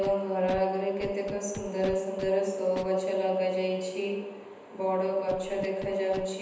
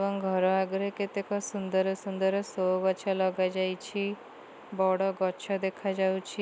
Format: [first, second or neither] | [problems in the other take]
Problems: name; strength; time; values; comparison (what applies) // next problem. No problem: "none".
second | background sound (Scratching (performance technique)); 16 dB below the speech // room echo; dies away in 1.1 s